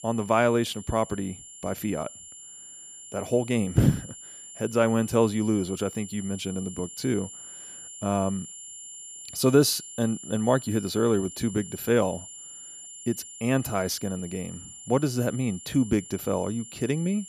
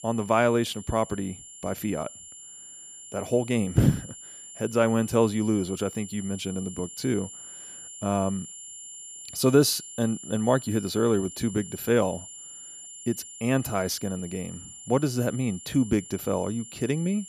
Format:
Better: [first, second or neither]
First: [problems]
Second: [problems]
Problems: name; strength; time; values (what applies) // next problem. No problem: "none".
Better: neither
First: high-pitched whine; noticeable; throughout; 7 kHz, 15 dB below the speech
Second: high-pitched whine; noticeable; throughout; 7 kHz, 15 dB below the speech